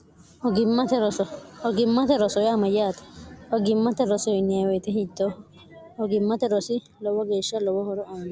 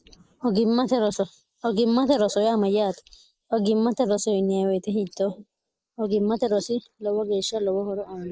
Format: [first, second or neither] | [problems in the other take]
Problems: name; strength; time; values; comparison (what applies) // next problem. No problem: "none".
first | noise reduction (neural mask model Resemble Enhance denoiser)